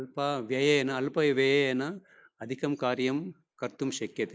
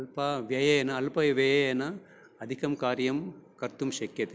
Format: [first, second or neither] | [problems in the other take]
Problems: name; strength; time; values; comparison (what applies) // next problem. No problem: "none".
second | noise reduction (neural mask model Resemble Enhance denoiser)